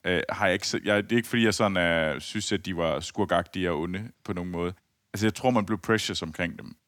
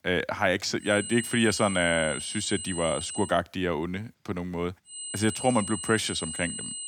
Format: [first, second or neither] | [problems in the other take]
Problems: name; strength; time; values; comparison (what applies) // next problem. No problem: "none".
first | high-pitched whine; loud; from 1 to 3.5 s and from 5 s on; 8 kHz, 7 dB below the speech